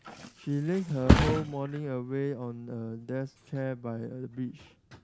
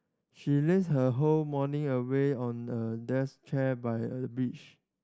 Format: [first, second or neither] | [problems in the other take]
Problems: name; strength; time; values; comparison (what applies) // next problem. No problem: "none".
second | background sound (Thump, thud); 1 dB above the speech